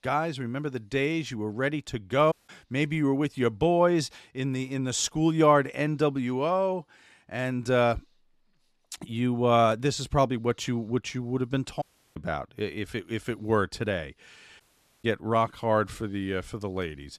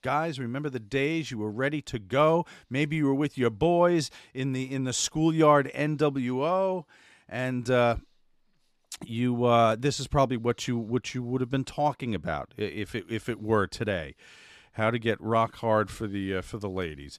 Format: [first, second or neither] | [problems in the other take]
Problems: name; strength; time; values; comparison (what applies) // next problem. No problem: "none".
second | audio cutting out; at 2.5 s, at 12 s and at 15 s